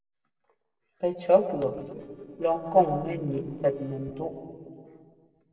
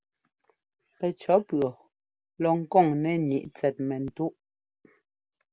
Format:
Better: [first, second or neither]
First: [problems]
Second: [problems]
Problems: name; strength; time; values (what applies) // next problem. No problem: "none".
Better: second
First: noise reduction (neural separator model SepFormer DNS4)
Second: none